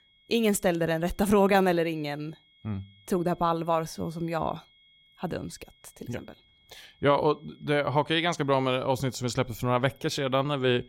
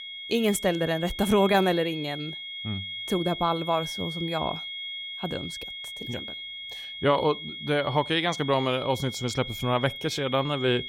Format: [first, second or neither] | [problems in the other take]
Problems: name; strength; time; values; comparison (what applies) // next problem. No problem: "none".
first | high-pitched whine; loud; throughout; 3.5 kHz, 8 dB below the speech; faint in the first